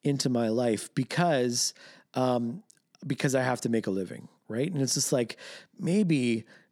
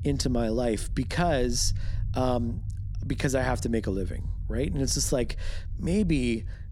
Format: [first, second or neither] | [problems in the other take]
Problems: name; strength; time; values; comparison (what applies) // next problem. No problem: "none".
first | low rumble; faint; throughout; 20 dB below the speech